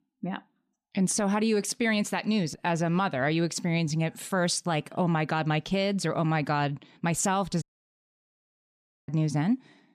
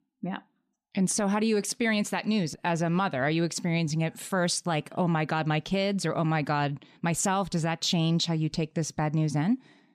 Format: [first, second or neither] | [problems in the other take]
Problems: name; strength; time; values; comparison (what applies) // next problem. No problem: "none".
second | audio cutting out; at 7.5 s for 1.5 s